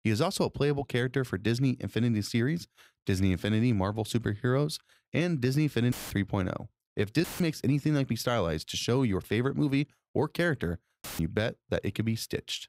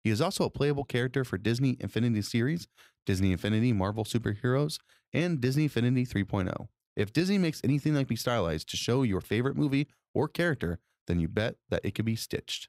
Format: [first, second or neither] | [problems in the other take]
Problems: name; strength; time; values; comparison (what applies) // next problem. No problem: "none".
second | audio cutting out; filled with static; at 6 s, at 7 s and at 11 s